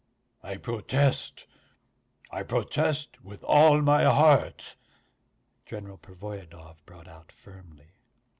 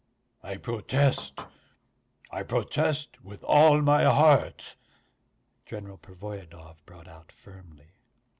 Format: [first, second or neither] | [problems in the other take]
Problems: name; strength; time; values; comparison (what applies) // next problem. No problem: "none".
first | background sound (Knock / Wood); 14 dB below the speech